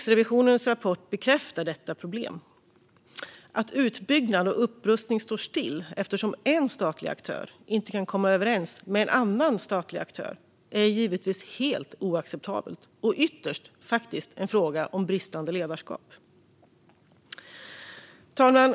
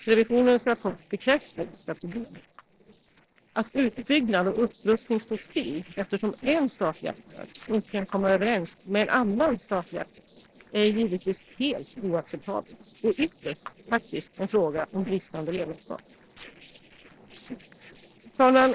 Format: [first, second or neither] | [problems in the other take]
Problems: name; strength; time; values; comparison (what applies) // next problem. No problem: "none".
first | noise reduction (neural separator model SepFormer DNS4)